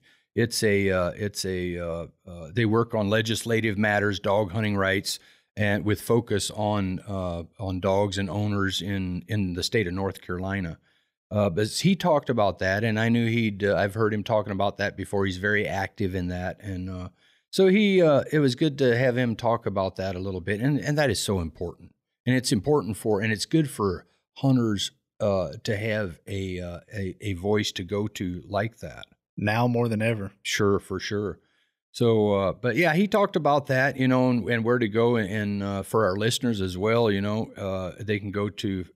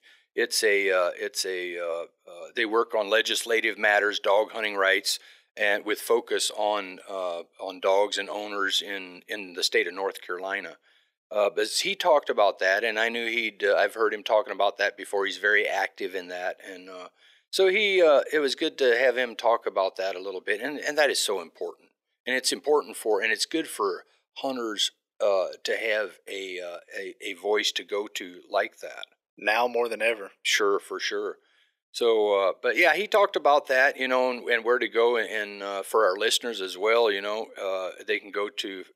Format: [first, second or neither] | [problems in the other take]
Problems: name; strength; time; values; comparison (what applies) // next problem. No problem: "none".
first | thin; very; fading below 400 Hz